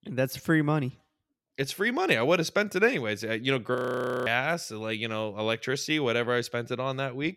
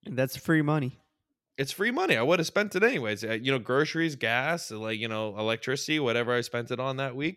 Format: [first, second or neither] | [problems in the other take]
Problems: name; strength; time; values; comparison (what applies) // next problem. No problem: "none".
second | audio freezing; at 4 s for 0.5 s